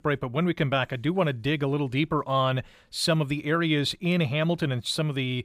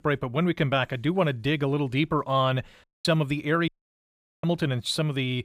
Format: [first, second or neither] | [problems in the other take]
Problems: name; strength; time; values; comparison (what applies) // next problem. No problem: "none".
first | audio cutting out; at 3 s and at 3.5 s for 0.5 s